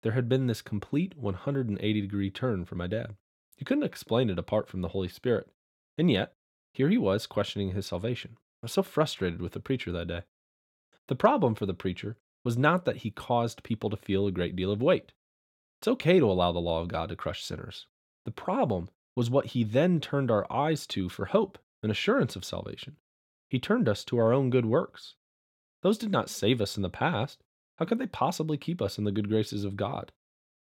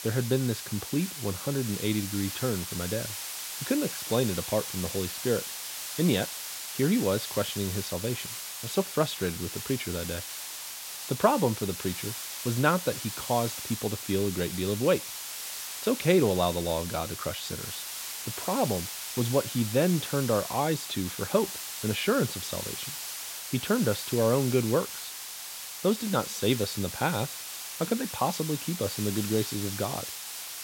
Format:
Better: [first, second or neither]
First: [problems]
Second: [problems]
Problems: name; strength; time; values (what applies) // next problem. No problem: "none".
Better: first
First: none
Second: hiss; loud; throughout; 6 dB below the speech